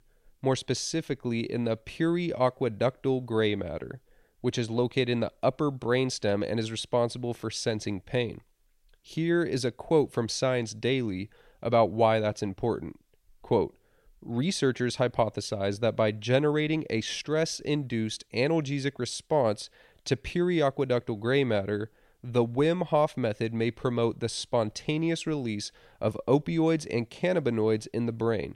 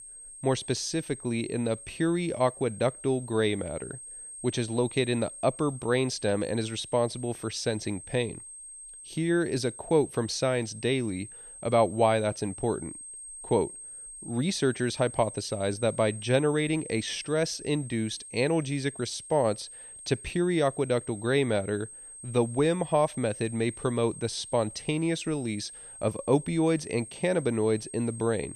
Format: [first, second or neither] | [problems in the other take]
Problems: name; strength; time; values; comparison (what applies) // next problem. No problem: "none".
first | high-pitched whine; noticeable; throughout; 8.5 kHz, 15 dB below the speech